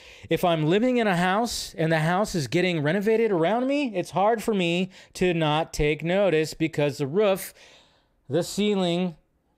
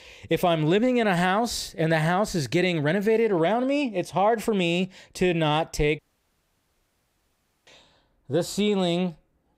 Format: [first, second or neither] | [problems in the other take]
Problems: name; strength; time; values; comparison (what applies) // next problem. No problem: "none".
first | audio cutting out; at 6 s for 1.5 s